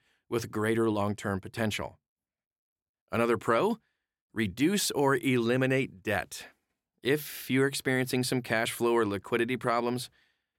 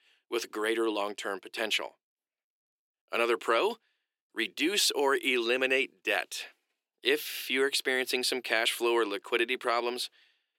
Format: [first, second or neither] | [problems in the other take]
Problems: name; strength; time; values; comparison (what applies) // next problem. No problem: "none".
first | thin; somewhat; fading below 350 Hz